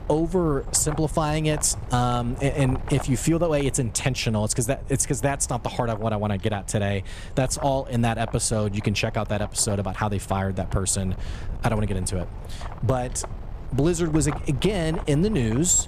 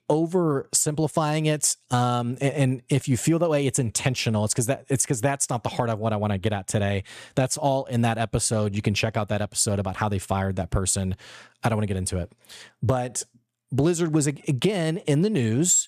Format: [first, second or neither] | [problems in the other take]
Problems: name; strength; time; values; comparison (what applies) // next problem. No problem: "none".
second | wind noise on the microphone; occasional gusts; 15 dB below the speech